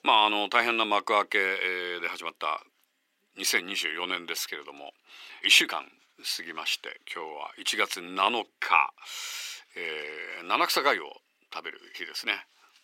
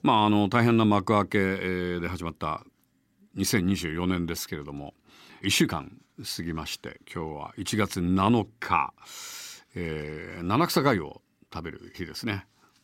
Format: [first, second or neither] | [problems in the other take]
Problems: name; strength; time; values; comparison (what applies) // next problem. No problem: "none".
second | thin; very; fading below 450 Hz